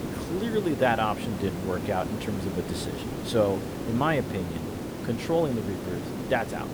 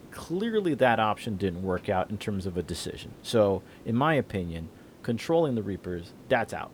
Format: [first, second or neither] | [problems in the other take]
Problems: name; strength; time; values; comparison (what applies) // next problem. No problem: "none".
second | hiss; loud; throughout; 5 dB below the speech; faint in the second